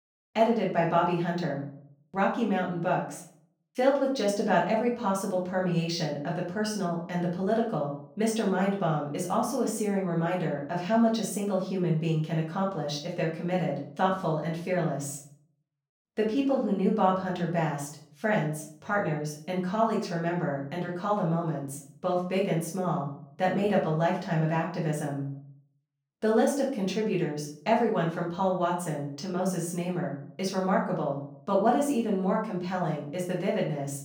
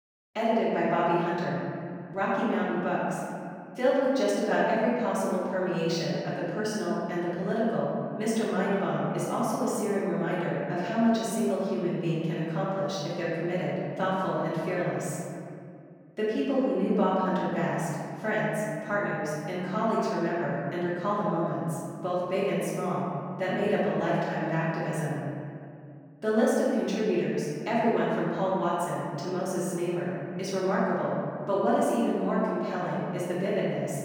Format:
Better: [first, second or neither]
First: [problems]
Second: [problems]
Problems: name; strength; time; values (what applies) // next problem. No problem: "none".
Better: first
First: room echo; slight; dies away in 0.5 s // off-mic speech; far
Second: room echo; strong; dies away in 2.3 s // off-mic speech; far